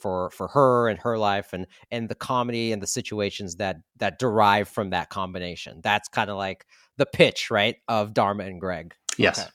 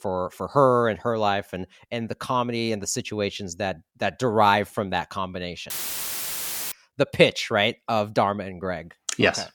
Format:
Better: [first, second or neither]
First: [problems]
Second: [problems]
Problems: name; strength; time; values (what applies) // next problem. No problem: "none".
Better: first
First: none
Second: audio cutting out; filled with static; at 5.5 s for 1 s